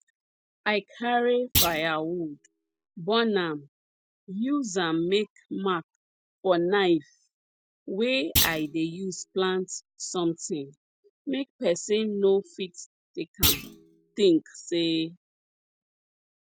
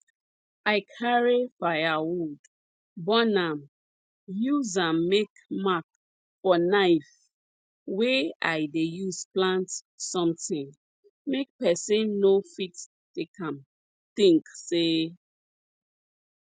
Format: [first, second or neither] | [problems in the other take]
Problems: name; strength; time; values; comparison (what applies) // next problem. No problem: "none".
second | background sound (Thump, thud); 3 dB below the speech